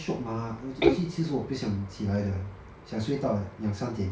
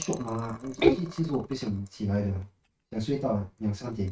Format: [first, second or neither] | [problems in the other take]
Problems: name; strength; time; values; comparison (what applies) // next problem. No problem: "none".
first | noise reduction (neural mask model RNNoise)